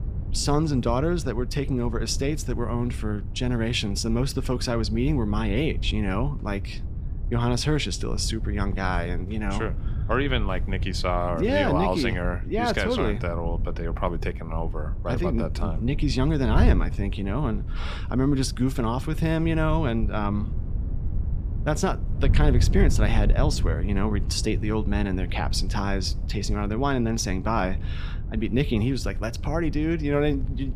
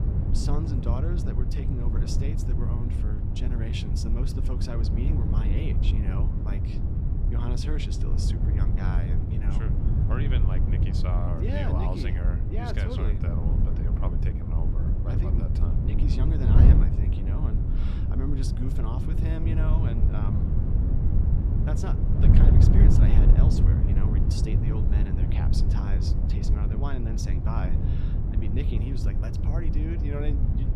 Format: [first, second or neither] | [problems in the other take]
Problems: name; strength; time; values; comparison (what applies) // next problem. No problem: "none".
first | wind noise on the microphone; heavy; 1 dB above the speech; occasional gusts in the first